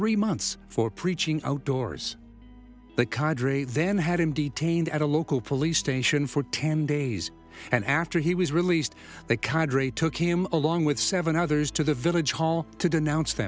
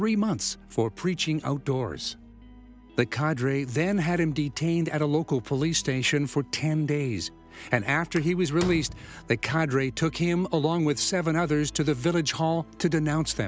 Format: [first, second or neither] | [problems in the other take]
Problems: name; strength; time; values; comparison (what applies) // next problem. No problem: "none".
first | background sound (Slam); 14 dB below the speech